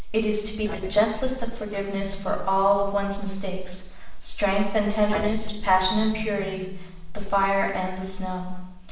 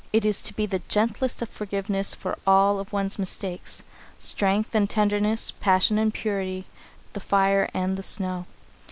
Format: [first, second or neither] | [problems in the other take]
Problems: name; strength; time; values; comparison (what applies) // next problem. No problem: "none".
second | noise reduction (neural separator model SepFormer DNS4)